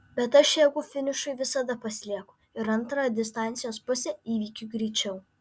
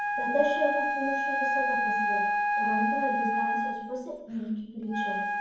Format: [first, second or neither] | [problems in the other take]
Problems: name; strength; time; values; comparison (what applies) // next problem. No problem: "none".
first | background sound (Wind instrument, woodwind instrument); 4 dB above the speech // room echo; dies away in 1.2 s